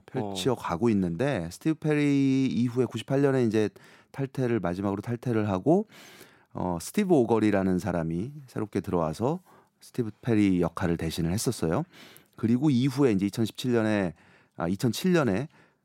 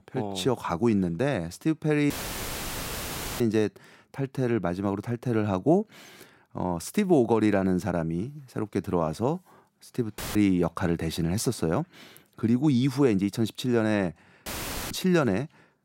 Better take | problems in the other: first | audio cutting out; filled with static; at 2 s for 1.5 s, at 10 s and at 14 s

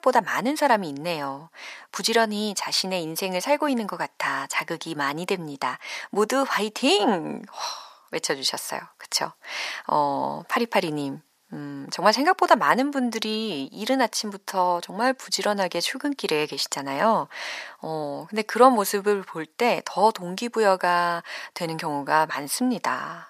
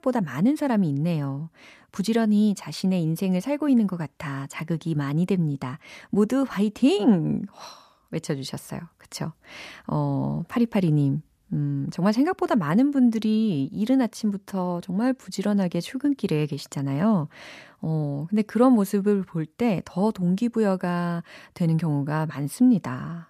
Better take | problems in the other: second | thin; very; fading below 600 Hz

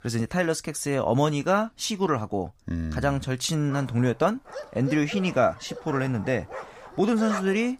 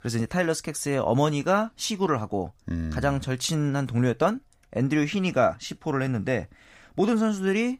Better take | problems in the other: second | dog barking; noticeable; from 3.5 s on; peak 7 dB below the speech

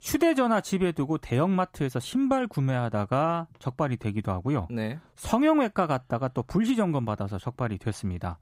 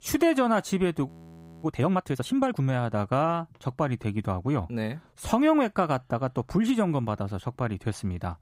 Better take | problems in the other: first | audio freezing; at 1 s for 0.5 s

